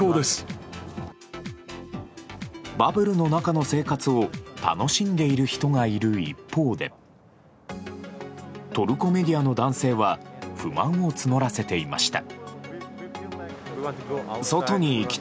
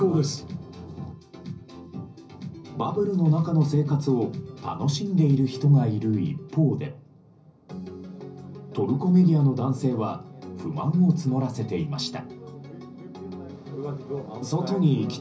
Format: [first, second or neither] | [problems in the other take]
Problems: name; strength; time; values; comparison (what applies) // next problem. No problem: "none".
first | room echo; dies away in 0.5 s